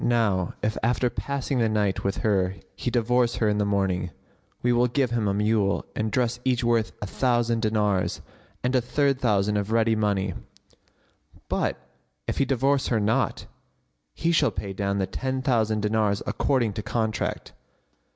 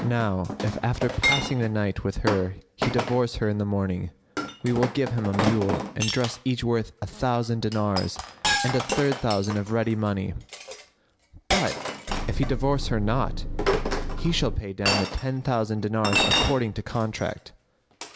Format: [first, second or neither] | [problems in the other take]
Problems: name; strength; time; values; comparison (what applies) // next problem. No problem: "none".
first | background sound (Engine + Chink, clink); 3 dB below the speech